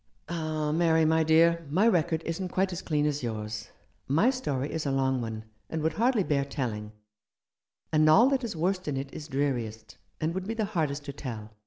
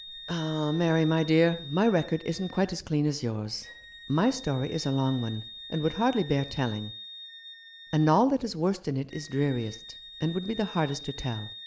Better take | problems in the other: first | background sound (Wind instrument, woodwind instrument); 17 dB below the speech

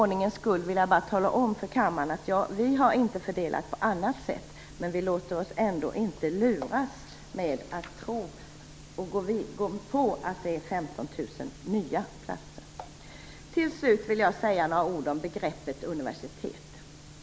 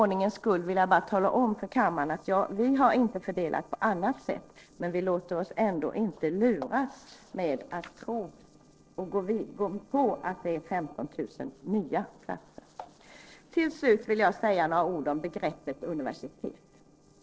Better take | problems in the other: first | noise reduction (neural separator model SepFormer DNS4)

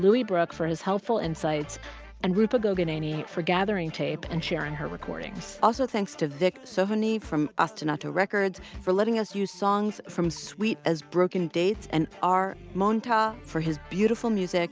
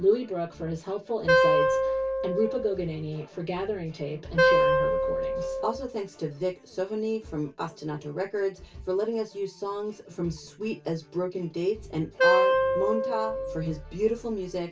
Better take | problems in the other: first | background sound (Wind instrument, woodwind instrument); 5 dB above the speech // room echo; dies away in 0.2 s

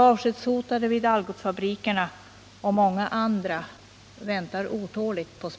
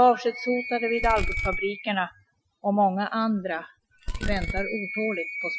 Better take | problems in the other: first | noise reduction (classical method Wiener filter)

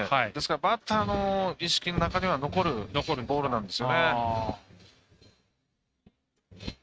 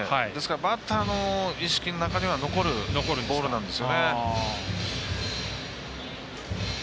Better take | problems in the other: second | noise reduction (neural mask model RNNoise)

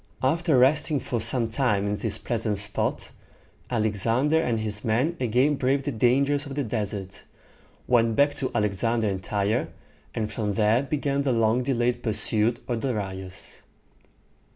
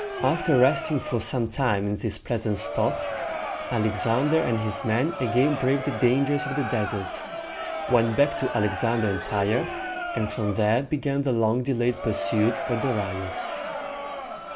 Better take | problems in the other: first | background sound (Crowd); 7 dB below the speech

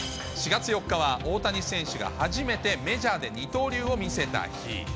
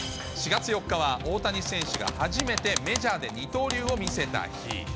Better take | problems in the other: first | background sound (Typing); 9 dB below the speech

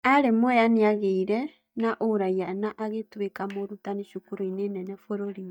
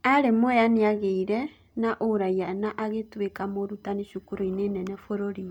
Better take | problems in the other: second | noise reduction (neural mask model DeepFilterNet 3)

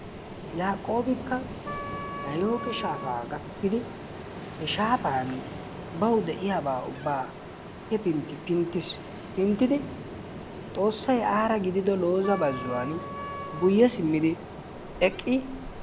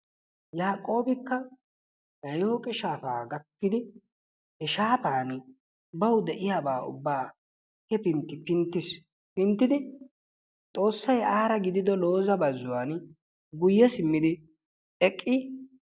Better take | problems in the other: second | background sound (Ocean + Wind instrument, woodwind instrument); 10 dB below the speech

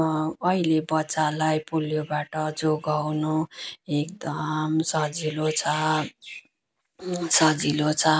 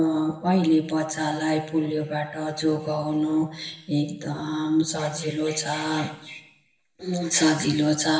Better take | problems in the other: first | room echo; dies away in 1 s

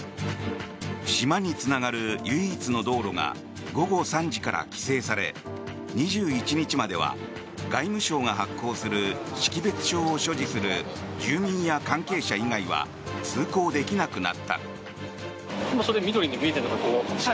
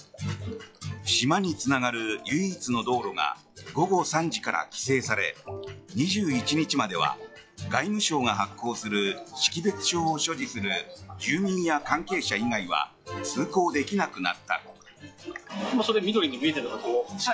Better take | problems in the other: first | noise reduction (classical method log-MMSE)

